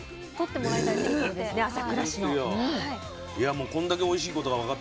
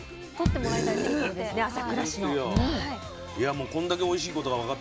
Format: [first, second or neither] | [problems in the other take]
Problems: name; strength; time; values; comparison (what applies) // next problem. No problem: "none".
first | background sound (Bass drum); 5 dB below the speech